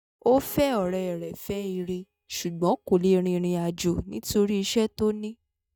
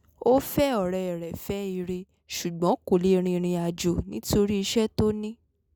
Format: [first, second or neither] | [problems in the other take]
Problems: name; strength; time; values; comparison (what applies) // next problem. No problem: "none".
second | noise reduction (neural mask model DeepFilterNet 3)